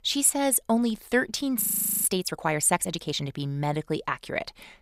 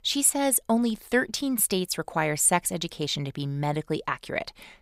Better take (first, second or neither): second